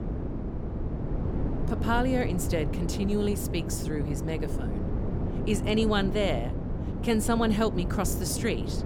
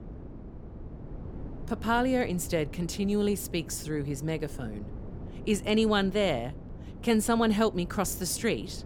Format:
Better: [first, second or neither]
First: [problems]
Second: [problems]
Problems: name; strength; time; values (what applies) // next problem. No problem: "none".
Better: second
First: wind noise on the microphone; heavy; 8 dB below the speech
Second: wind noise on the microphone; occasional gusts; 20 dB below the speech